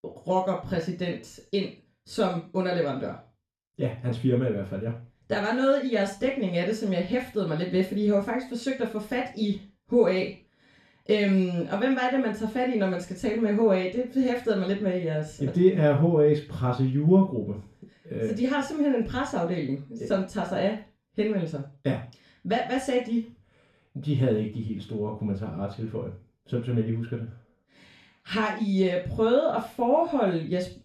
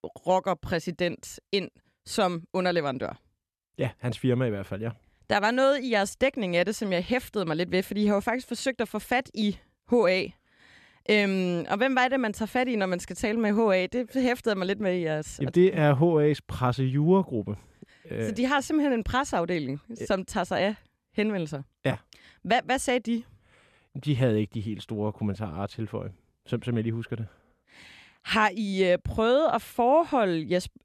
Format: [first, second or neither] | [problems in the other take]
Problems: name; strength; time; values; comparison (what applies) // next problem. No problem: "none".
second | room echo; slight; dies away in 0.3 s // off-mic speech; far